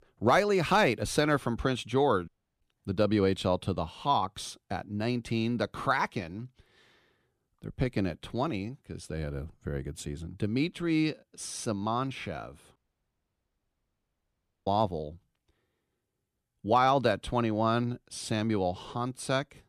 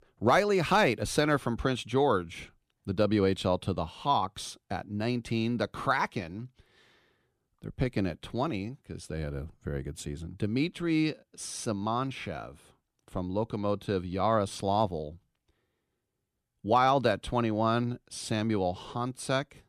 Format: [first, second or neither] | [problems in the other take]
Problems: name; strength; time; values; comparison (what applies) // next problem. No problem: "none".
second | audio cutting out; at 2.5 s and at 13 s for 2 s